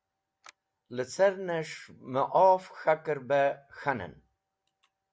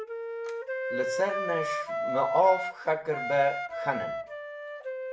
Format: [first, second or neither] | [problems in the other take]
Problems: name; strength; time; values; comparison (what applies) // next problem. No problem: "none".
first | background sound (Wind instrument, woodwind instrument); 3 dB below the speech // room echo; dies away in 0.4 s